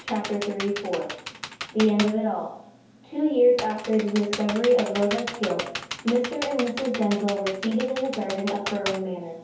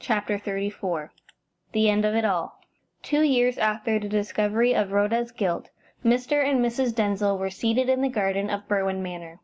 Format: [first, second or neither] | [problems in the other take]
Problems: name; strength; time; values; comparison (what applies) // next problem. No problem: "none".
second | background sound (Computer keyboard); 11 dB below the speech // room echo; dies away in 0.7 s